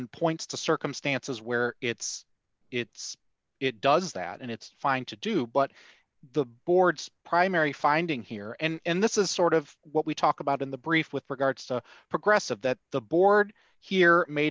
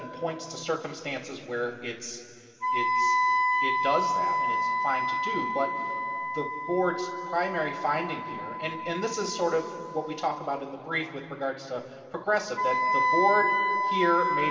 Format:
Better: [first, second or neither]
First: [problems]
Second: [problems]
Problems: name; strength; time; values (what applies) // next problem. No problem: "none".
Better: first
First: none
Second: background sound (Wind instrument, woodwind instrument); 2 dB above the speech // room echo; dies away in 2.4 s